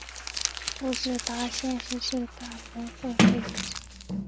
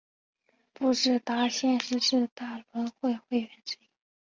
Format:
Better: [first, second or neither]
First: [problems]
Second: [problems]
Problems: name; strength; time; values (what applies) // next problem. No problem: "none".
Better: second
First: background sound (Sliding door + Crumpling, crinkling); 4 dB above the speech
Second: none